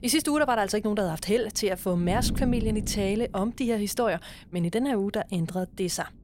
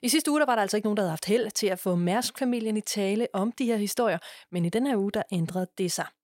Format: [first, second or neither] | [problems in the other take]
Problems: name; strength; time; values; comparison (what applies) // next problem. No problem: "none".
second | wind noise on the microphone; occasional gusts; 15 dB below the speech